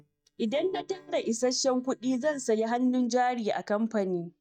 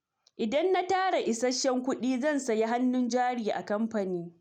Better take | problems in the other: second | noise reduction (neural mask model DeepFilterNet 3)

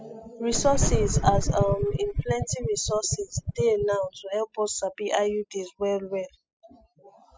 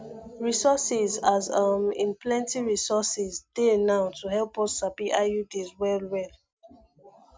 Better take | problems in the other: second | noise reduction (classical method spectral subtraction)

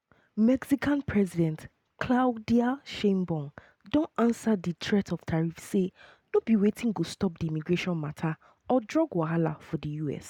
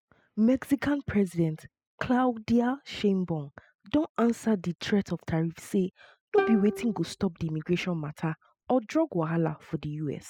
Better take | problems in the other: first | noise reduction (classical method spectral subtraction)

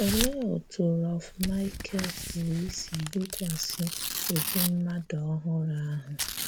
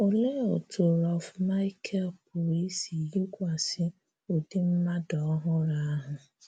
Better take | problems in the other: second | background sound (Tearing); 5 dB below the speech

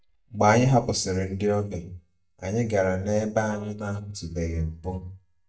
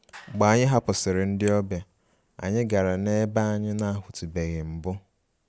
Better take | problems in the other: second | noise reduction (neural mask model DeepFilterNet 3)

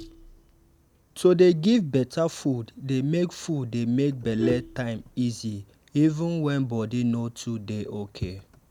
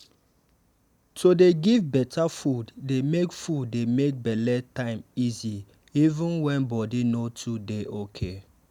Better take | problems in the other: second | background sound (Vehicle horn, car horn, honking); 17 dB below the speech

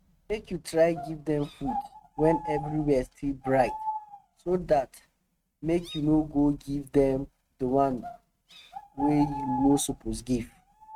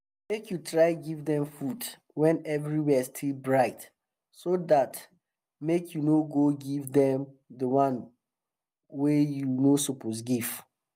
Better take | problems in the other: second | noise reduction (neural mask model RNNoise)

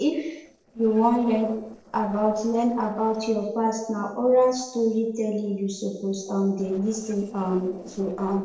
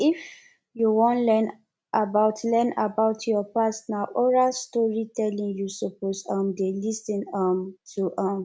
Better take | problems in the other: second | noise reduction (neural separator model SepFormer DNS4)

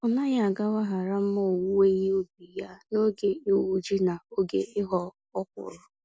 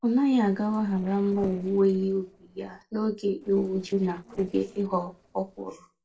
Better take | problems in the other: first | noise reduction (neural separator model SepFormer DNS4)

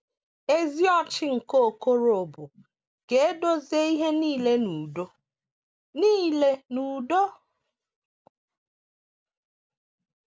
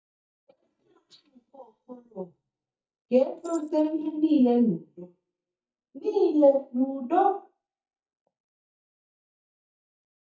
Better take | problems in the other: first | noise reduction (neural mask model DeepFilterNet 3)

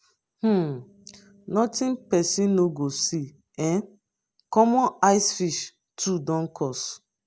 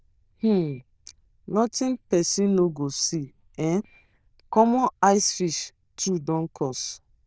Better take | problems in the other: first | noise reduction (neural diffusion model UNIVERSE++)

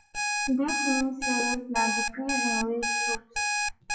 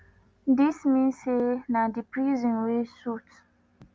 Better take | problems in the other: second | noise reduction (classical method WPE with log-MMSE)

